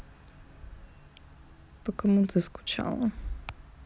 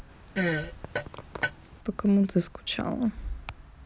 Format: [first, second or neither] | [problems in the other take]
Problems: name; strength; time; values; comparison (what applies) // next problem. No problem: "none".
first | background sound (Fart); 2 dB below the speech